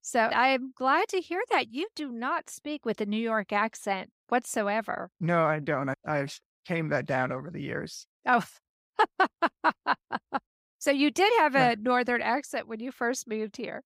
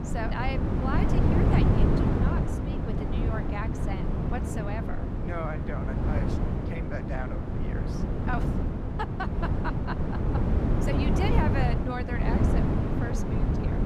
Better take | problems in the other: first | wind noise on the microphone; heavy; 1 dB above the speech

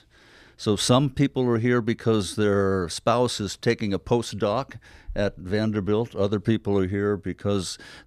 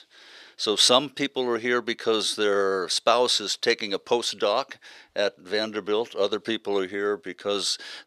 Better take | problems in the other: first | thin; somewhat; fading below 450 Hz

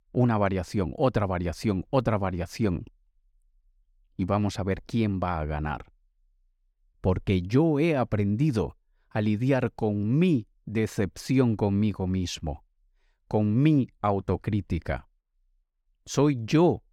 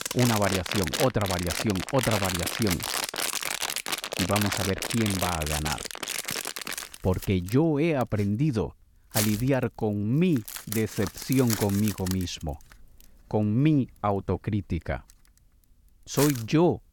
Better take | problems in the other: first | household noises; loud; throughout; 3 dB below the speech

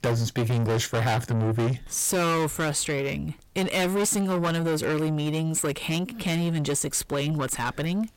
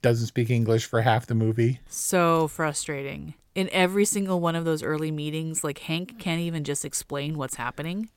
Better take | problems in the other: second | distortion; heavy; 5 dB below the speech

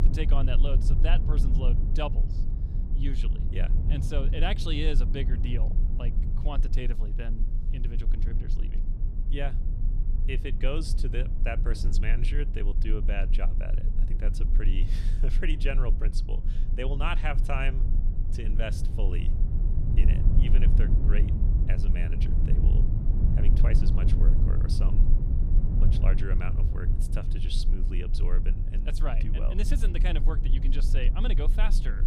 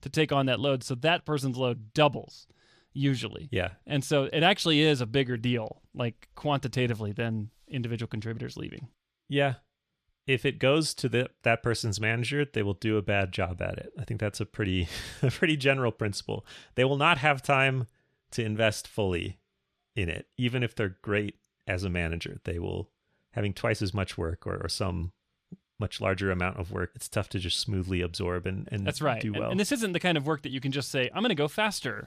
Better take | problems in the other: second | low rumble; loud; throughout; 7 dB below the speech

